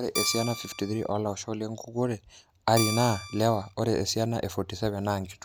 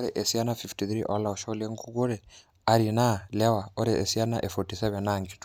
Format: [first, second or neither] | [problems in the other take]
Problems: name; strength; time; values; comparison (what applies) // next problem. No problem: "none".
second | background sound (Guitar); 6 dB below the speech